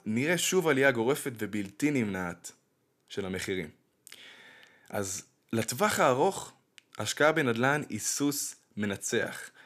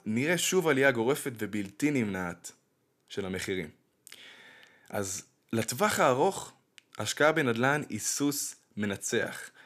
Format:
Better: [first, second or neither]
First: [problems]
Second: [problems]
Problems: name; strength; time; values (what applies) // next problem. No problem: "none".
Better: neither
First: none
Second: none